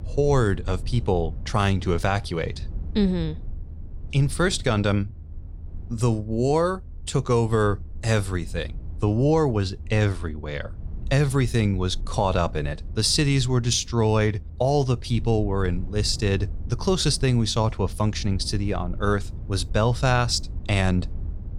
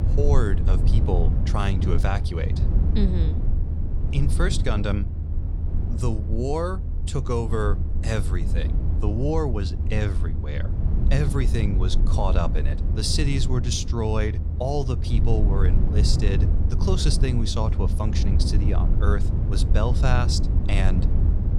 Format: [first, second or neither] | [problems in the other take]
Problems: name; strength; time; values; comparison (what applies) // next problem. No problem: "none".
first | low rumble; loud; throughout; 8 dB below the speech; faint in the first